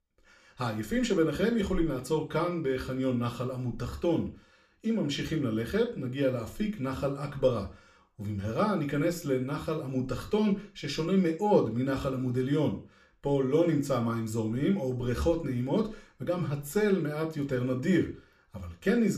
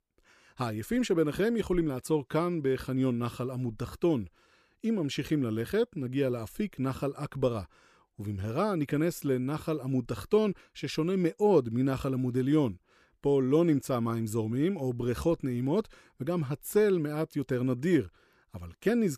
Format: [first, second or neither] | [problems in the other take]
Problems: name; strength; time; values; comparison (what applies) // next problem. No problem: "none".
second | room echo; very slight; dies away in 0.4 s // off-mic speech; somewhat distant